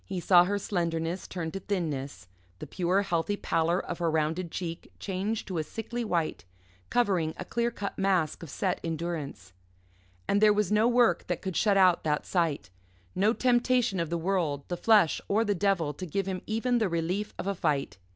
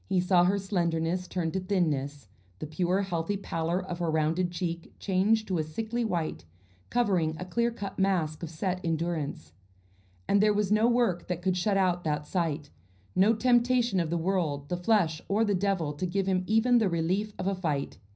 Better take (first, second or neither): first